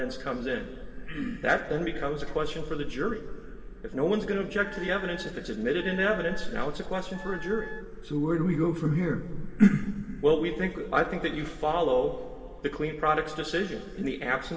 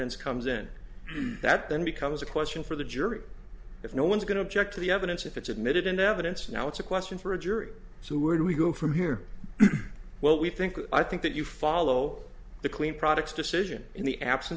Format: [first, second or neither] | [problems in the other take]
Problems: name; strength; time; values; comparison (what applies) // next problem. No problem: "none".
second | background sound (Wind instrument, woodwind instrument); 16 dB below the speech // room echo; dies away in 2.6 s